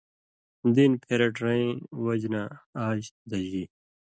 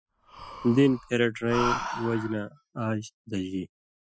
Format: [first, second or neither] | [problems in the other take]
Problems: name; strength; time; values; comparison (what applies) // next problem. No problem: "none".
first | noise reduction (classical method Wiener filter)